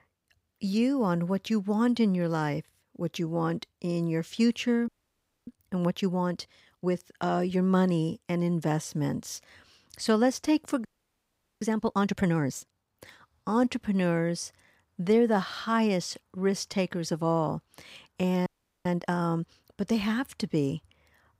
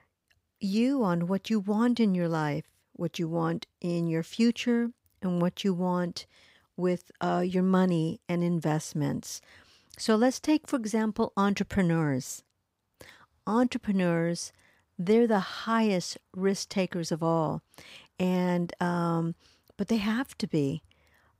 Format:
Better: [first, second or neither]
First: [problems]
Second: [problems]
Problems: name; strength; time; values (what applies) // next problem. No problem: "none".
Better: second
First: audio freezing; at 5 s for 0.5 s, at 11 s for 1 s and at 18 s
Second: none